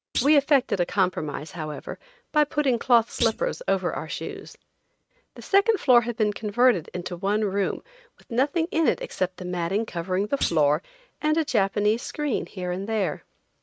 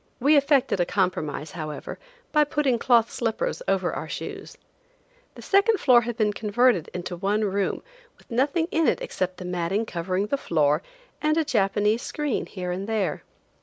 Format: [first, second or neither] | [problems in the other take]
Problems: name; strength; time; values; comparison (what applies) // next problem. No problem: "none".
second | noise reduction (neural mask model RNNoise)